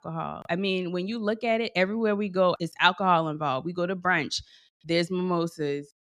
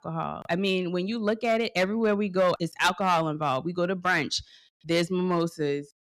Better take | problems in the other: first | distortion; slight; 3% of the sound clipped

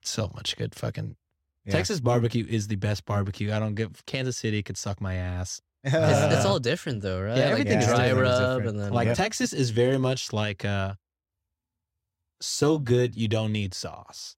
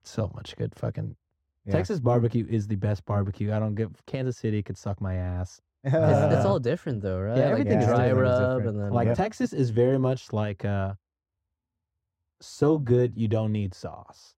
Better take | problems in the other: first | muffled; slightly; fading above 1.5 kHz

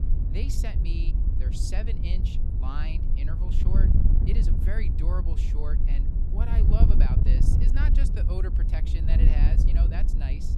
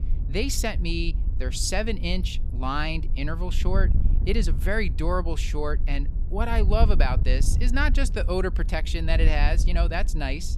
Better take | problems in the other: second | wind noise on the microphone; heavy; 1 dB below the speech; occasional gusts in the second

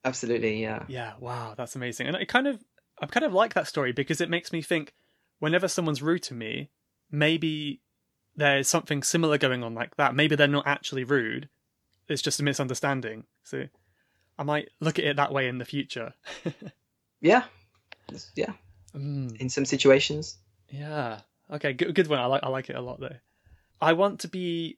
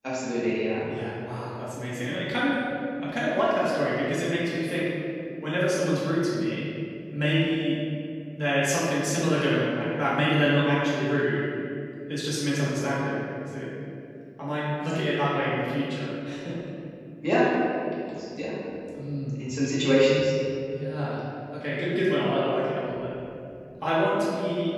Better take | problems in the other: first | room echo; strong; dies away in 2.7 s // off-mic speech; far

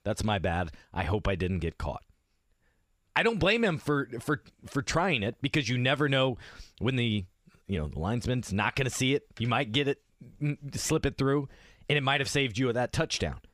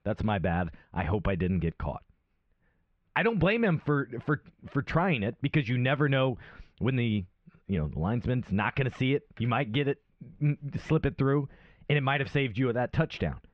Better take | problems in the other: first | muffled; very; fading above 2.5 kHz

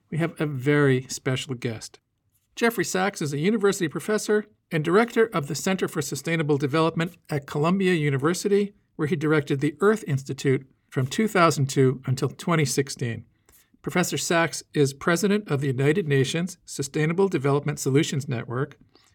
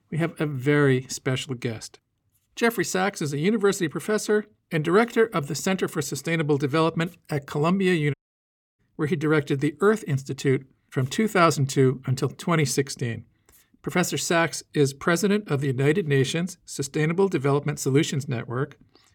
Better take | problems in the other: first | audio cutting out; at 8 s for 0.5 s

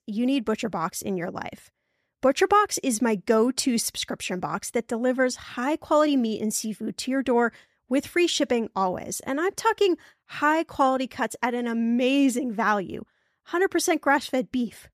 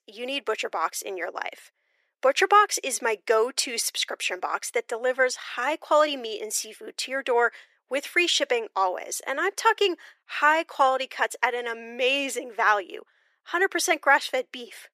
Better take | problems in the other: first | thin; very; fading below 400 Hz

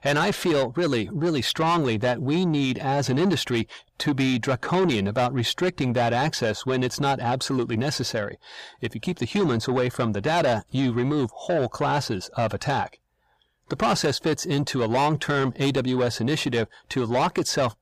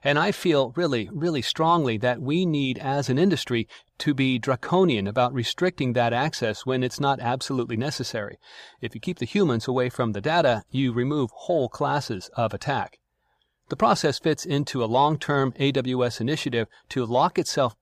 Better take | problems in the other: second | distortion; slight; 10 dB below the speech

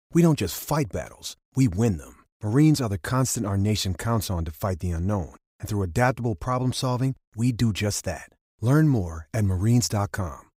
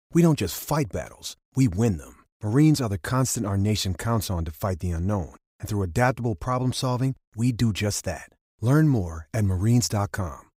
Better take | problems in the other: neither | none

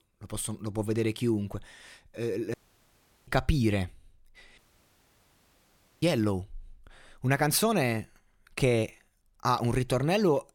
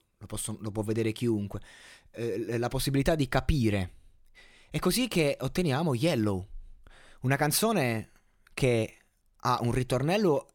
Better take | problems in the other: second | audio cutting out; at 2.5 s for 0.5 s and at 4.5 s for 1.5 s

